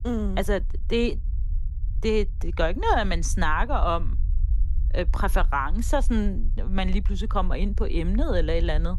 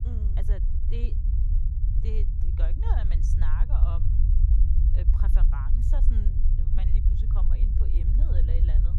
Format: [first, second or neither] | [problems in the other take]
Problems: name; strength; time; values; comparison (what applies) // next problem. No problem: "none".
first | low rumble; loud; throughout; as loud as the speech; faint in the first